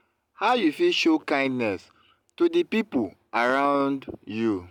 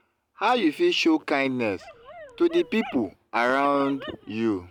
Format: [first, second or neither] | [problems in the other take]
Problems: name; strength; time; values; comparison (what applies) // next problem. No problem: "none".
first | background sound (Dog); 18 dB below the speech